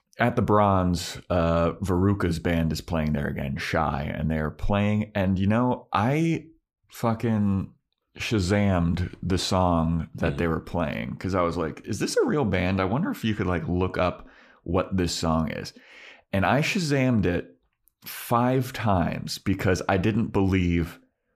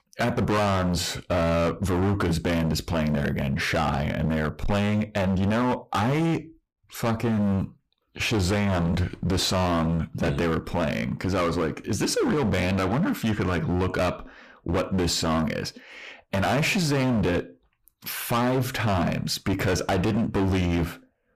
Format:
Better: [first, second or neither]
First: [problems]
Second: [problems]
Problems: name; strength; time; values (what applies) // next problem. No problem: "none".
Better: first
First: none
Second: distortion; heavy; 23% of the sound clipped